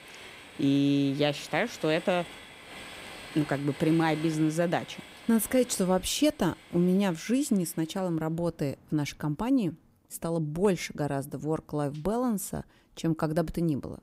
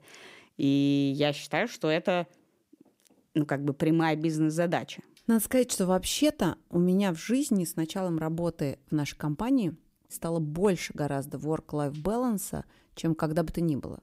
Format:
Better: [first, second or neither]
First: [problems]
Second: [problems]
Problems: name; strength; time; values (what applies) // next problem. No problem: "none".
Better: second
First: train or aircraft noise; noticeable; throughout; 15 dB below the speech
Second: none